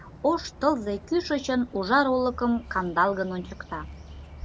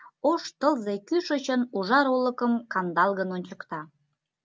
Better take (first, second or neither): second